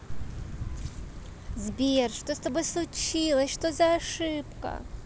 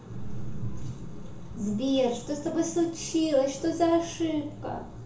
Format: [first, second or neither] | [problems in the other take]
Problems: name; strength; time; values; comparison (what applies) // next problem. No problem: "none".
first | room echo; dies away in 0.8 s